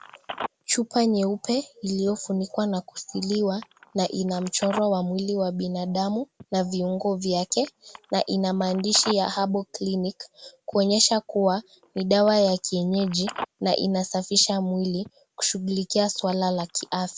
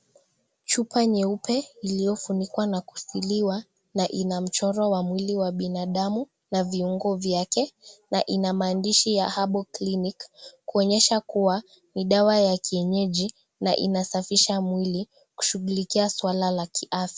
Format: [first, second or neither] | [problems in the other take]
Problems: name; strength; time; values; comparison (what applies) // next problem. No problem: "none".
second | background sound (Telephone); 18 dB below the speech